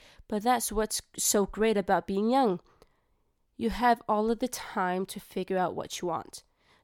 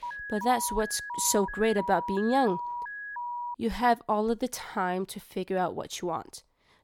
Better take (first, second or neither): first